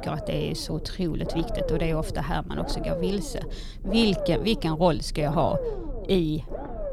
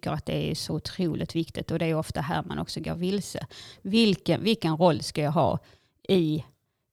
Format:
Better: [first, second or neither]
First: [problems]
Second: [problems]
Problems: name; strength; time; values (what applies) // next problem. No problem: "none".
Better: second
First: low rumble; loud; throughout; 6 dB below the speech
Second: none